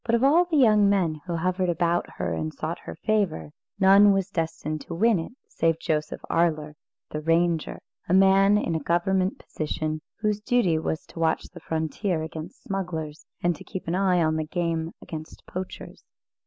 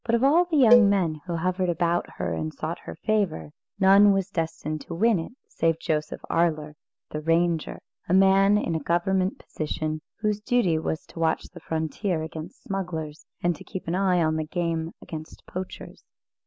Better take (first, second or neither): first